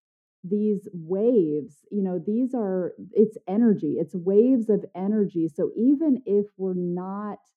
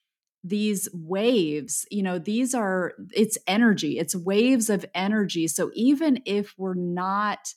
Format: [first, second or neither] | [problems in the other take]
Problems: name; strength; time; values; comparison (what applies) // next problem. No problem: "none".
second | muffled; very; fading above 1.5 kHz